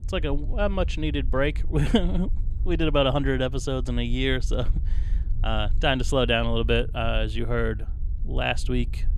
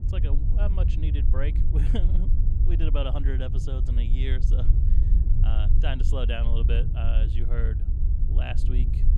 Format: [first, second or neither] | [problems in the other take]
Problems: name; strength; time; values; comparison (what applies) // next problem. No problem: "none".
first | low rumble; loud; throughout; 5 dB below the speech; faint in the first